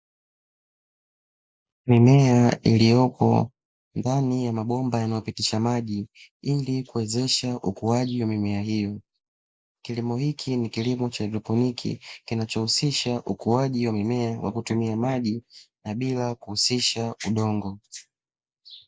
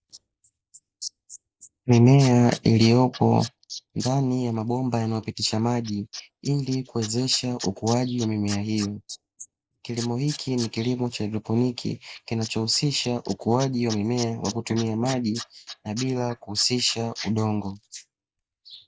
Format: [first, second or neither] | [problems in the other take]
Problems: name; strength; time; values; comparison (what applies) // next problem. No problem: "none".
first | noise reduction (neural mask model Resemble Enhance denoiser)